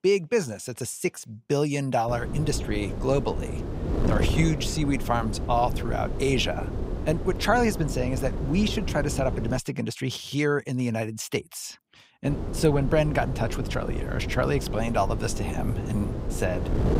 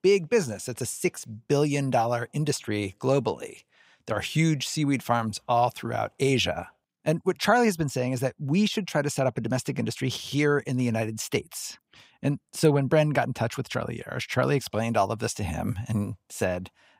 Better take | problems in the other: second | wind noise on the microphone; heavy; from 2 to 9.5 s and from 12 s on; 9 dB below the speech

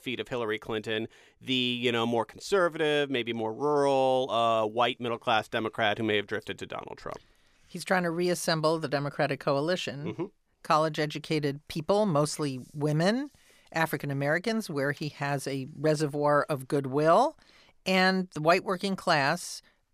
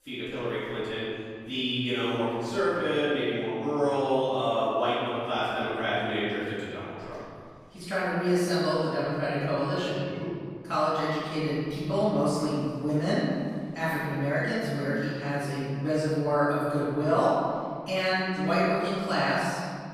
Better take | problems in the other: first | off-mic speech; far // room echo; strong; dies away in 2.1 s

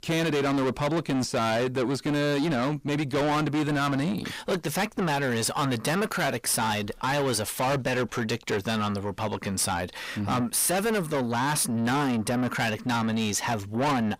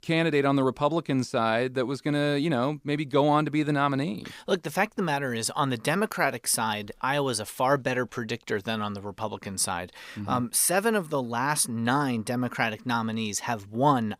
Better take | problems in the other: second | distortion; heavy; 6 dB below the speech

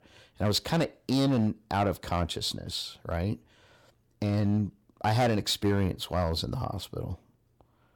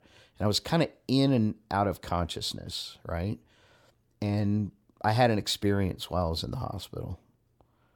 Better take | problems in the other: second | distortion; slight; 5% of the sound clipped

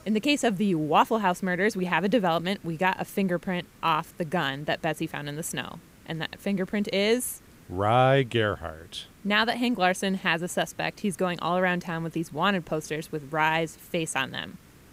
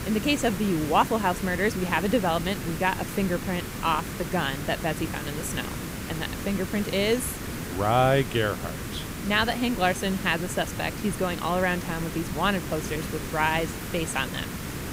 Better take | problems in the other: first | hiss; loud; throughout; 7 dB below the speech; faint in the first

